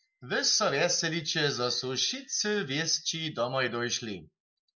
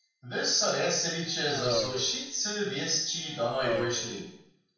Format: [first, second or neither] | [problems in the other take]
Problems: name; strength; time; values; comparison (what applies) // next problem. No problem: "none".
first | background sound (Race car, auto racing); 7 dB below the speech // room echo; dies away in 0.7 s